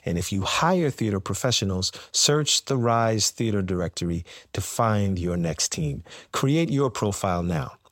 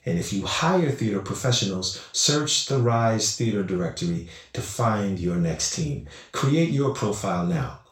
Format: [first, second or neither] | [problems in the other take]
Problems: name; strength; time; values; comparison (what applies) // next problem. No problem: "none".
first | room echo; noticeable; dies away in 0.3 s // off-mic speech; far